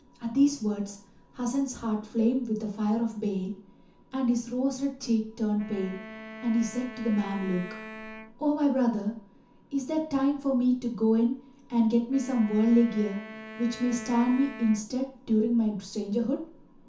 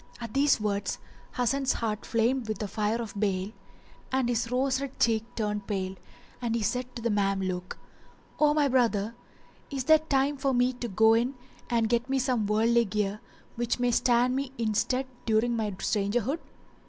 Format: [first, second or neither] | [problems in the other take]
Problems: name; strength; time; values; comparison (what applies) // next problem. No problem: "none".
second | background sound (Wind instrument, woodwind instrument); 15 dB below the speech // room echo; dies away in 0.9 s